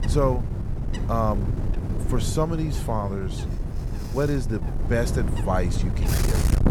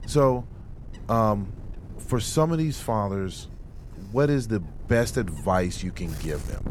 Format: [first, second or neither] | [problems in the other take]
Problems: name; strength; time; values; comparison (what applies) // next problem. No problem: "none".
second | wind noise on the microphone; heavy; 8 dB below the speech; occasional gusts in the second